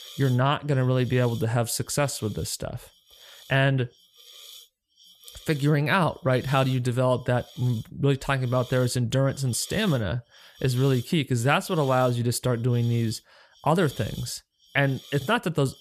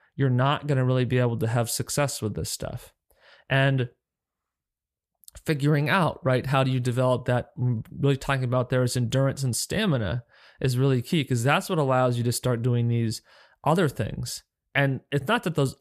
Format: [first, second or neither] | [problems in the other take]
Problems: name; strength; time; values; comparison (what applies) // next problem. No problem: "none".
second | hiss; faint; throughout; 20 dB below the speech